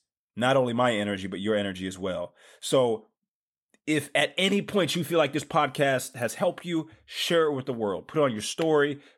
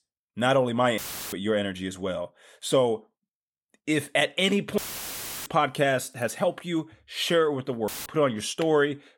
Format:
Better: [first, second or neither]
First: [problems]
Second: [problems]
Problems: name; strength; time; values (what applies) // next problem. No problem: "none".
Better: first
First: none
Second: audio cutting out; filled with static; at 1 s, at 5 s for 0.5 s and at 8 s